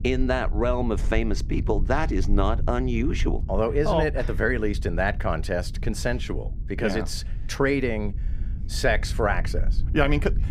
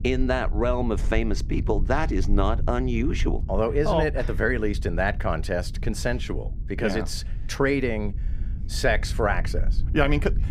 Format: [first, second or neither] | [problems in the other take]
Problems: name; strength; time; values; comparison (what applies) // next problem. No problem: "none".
neither | low rumble; faint; throughout; 20 dB below the speech; the same in both